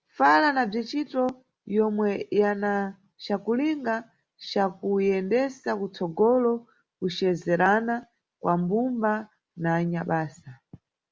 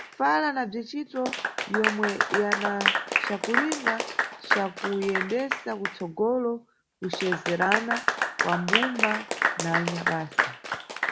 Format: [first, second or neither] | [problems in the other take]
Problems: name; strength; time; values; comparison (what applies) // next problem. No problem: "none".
first | background sound (Applause / Clapping); 1 dB above the speech